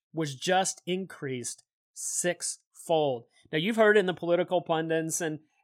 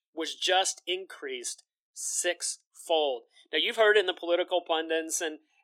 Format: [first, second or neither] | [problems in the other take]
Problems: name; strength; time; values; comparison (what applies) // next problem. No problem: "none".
first | thin; very; fading below 350 Hz